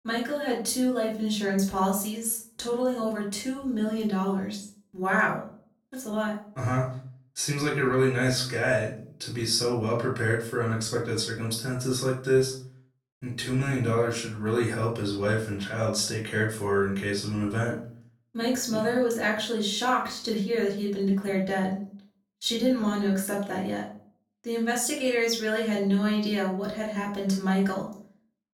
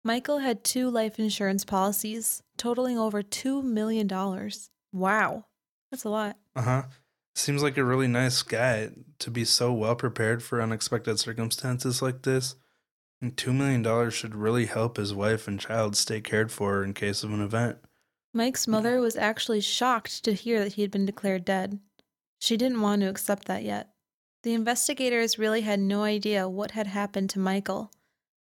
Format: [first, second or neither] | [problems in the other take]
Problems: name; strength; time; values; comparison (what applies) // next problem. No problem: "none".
second | off-mic speech; far // room echo; slight; dies away in 0.4 s